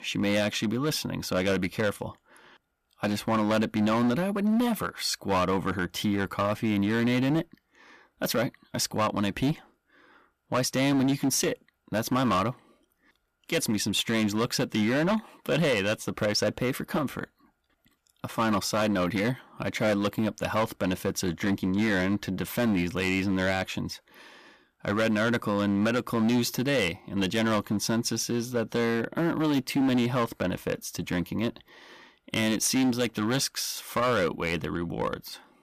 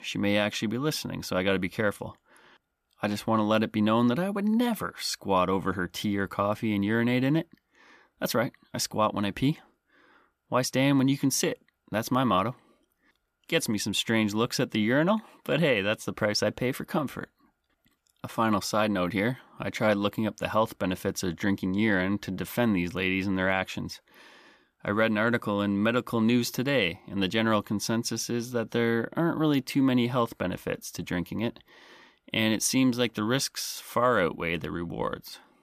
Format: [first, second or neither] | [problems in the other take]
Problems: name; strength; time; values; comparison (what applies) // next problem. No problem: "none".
second | distortion; slight; 10% of the sound clipped